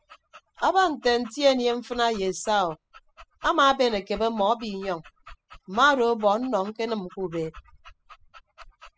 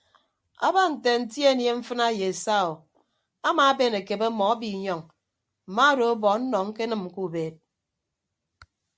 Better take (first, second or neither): second